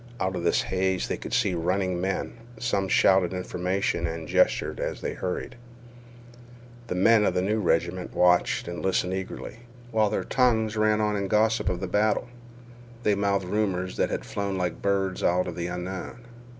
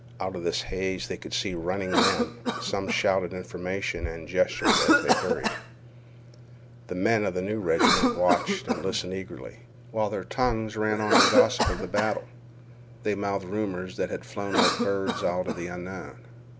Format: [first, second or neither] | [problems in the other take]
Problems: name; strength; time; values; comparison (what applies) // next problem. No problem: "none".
first | background sound (Cough); 1 dB below the speech